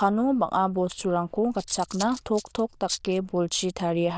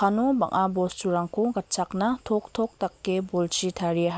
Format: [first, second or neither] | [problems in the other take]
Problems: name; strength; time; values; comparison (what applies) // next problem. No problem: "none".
second | noise reduction (neural diffusion model UNIVERSE++)